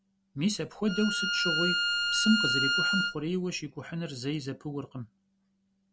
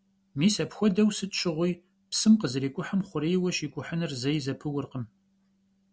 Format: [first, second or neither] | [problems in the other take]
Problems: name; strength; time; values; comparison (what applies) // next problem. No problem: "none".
second | background sound (Bowed string instrument); 3 dB above the speech